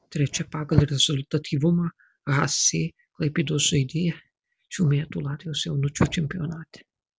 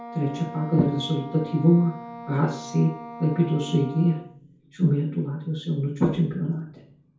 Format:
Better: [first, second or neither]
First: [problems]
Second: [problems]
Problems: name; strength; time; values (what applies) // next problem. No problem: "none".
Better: first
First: none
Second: background sound (Wind instrument, woodwind instrument); 16 dB below the speech // room echo; dies away in 0.6 s